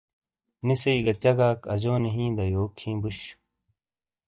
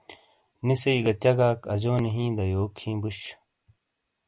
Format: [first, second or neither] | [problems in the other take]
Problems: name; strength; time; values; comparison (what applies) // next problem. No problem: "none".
second | noise reduction (neural mask model DeepFilterNet 3)